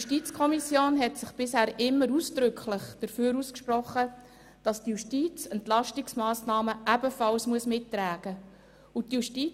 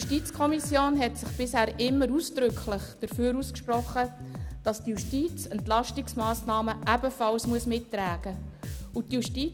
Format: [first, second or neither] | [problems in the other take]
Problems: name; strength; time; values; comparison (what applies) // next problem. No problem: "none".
first | background sound (Bass guitar); 10 dB below the speech